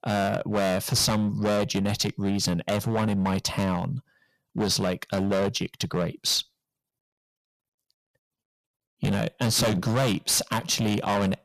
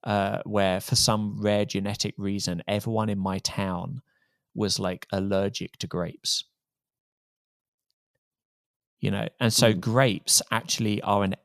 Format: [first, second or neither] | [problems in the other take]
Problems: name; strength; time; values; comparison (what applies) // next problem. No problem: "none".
second | distortion; heavy; 14% of the sound clipped